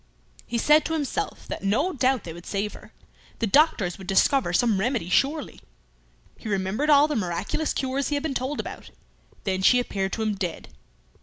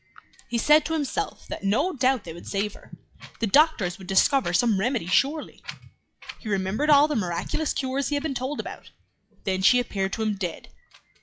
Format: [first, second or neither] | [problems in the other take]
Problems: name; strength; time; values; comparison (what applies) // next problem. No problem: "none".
first | noise reduction (classical method log-MMSE)